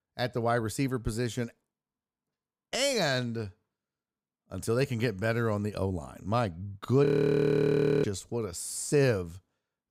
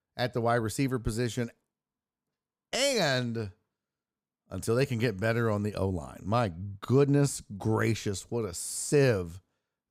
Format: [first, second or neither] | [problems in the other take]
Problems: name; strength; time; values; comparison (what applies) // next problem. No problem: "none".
second | audio freezing; at 7 s for 1 s